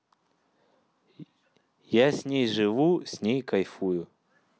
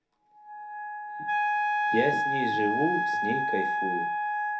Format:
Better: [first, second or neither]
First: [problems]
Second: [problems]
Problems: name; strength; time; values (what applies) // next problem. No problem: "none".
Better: first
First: none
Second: background sound (Wind instrument, woodwind instrument); 5 dB above the speech // room echo; dies away in 0.3 s